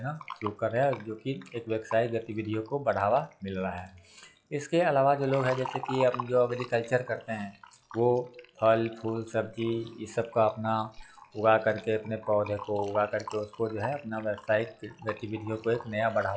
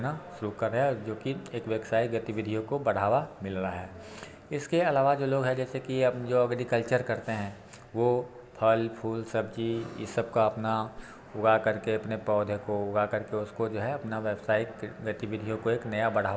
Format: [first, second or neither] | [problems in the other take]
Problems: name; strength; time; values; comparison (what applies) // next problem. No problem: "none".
second | noise reduction (classical method log-MMSE)